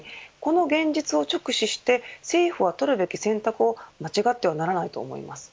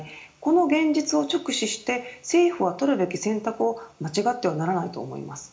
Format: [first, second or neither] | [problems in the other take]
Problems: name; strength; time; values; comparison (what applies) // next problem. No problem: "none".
first | room echo; dies away in 0.4 s